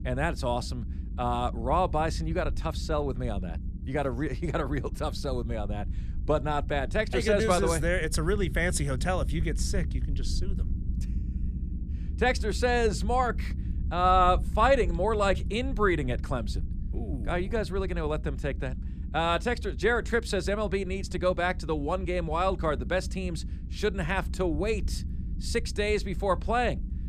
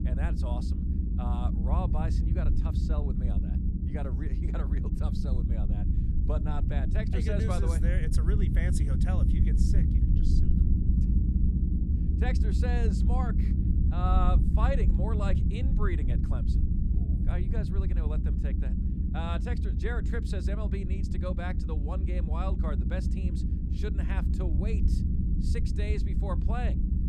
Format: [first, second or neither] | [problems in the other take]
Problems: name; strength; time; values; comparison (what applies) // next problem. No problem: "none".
first | low rumble; loud; throughout; 3 dB below the speech; faint in the first